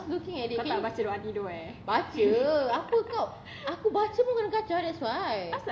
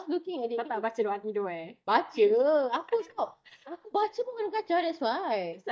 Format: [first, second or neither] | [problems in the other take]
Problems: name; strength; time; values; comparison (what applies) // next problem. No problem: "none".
first | noise reduction (neural mask model DeepFilterNet 3)